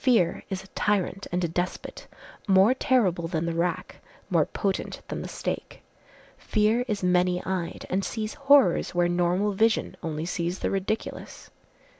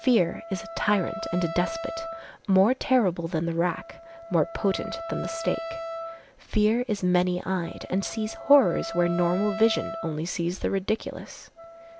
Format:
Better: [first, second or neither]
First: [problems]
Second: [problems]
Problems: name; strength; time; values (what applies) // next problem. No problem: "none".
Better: first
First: none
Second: background sound (Wind instrument, woodwind instrument); 12 dB below the speech